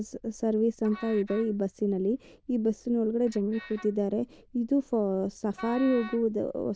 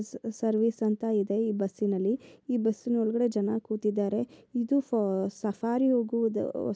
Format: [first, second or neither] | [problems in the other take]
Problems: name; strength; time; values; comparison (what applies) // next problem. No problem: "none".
second | noise reduction (neural diffusion model UNIVERSE++)